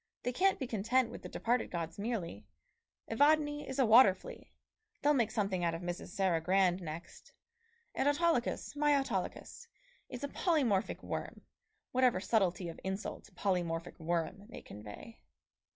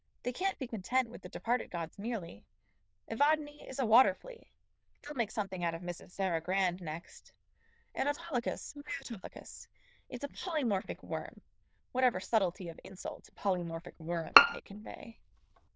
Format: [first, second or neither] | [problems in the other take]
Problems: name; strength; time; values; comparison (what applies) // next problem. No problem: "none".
first | noise reduction (neural diffusion model UNIVERSE++)